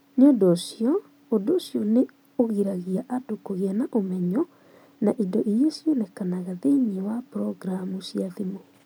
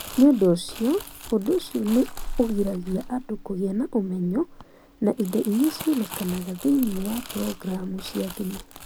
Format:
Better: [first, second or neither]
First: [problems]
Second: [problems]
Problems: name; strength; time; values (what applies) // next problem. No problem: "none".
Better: first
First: none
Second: background sound (Crumpling, crinkling); 13 dB below the speech